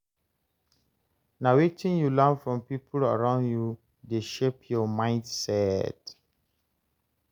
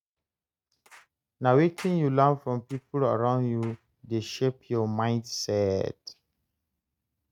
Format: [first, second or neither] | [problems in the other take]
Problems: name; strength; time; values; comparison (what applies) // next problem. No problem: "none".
first | noise reduction (neural mask model RNNoise)